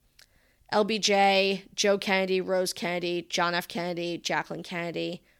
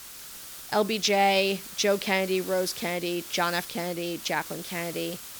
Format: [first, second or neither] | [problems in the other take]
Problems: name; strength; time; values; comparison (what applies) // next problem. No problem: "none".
first | hiss; noticeable; throughout; 10 dB below the speech